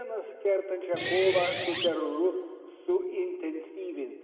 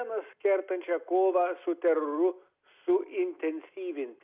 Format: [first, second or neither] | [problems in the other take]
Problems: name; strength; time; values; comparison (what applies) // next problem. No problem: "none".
second | background sound (Guitar); 6 dB below the speech // room echo; dies away in 1.8 s